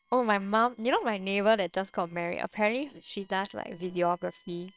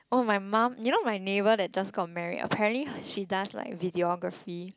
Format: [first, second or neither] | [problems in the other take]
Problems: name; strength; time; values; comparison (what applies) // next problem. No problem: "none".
second | noise reduction (neural separator model SepFormer WHAMR!)